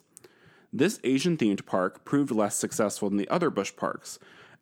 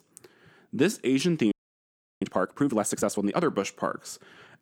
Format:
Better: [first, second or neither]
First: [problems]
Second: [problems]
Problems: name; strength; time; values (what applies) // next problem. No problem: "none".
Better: first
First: none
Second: audio freezing; at 1.5 s for 0.5 s